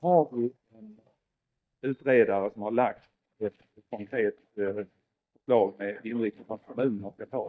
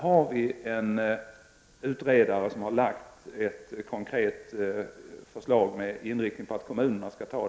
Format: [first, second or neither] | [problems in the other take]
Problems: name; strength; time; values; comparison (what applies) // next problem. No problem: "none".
second | noise reduction (neural mask model DeepFilterNet 3)